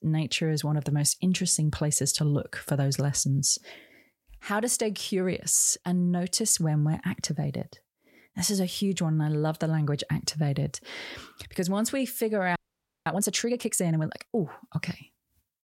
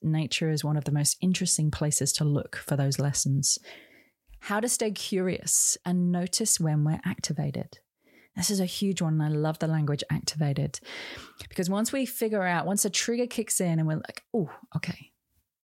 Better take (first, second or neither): second